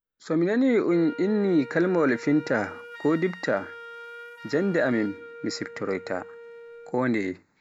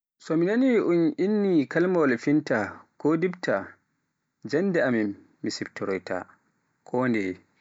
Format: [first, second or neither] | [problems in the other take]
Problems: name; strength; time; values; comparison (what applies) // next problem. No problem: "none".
second | background sound (Wind instrument, woodwind instrument); 17 dB below the speech